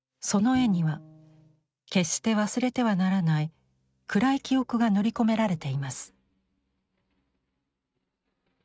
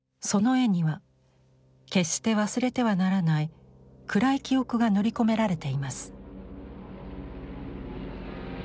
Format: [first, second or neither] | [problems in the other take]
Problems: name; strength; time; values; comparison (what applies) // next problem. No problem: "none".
second | noise reduction (neural mask model RNNoise)